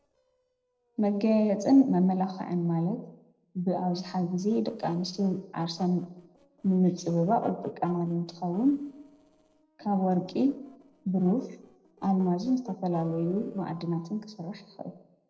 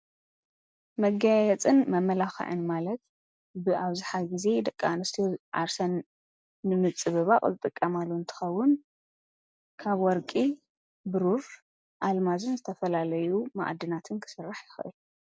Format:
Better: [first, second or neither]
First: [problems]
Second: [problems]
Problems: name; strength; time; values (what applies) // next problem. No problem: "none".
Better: second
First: noise reduction (neural separator model SepFormer DNS4)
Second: none